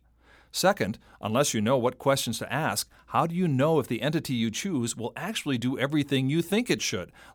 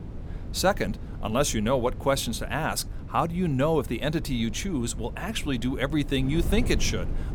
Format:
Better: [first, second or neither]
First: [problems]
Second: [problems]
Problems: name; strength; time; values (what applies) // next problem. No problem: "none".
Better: first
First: none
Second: wind noise on the microphone; occasional gusts; 20 dB below the speech